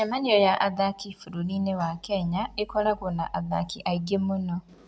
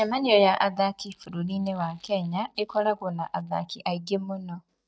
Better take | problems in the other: first | noise reduction (neural mask model DeepFilterNet 3)

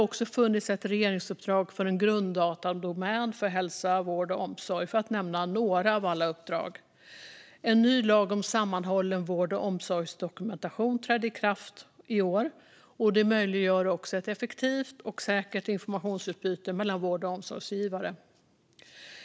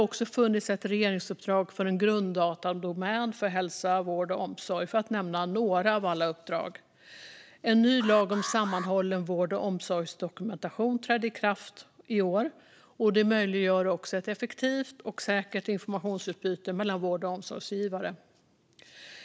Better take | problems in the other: first | background sound (Alarm); 12 dB below the speech

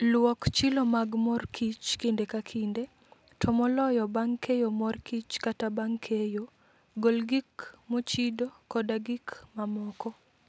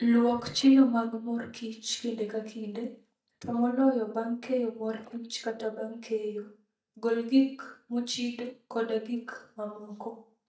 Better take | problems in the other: first | noise reduction (neural mask model DeepFilterNet 3)

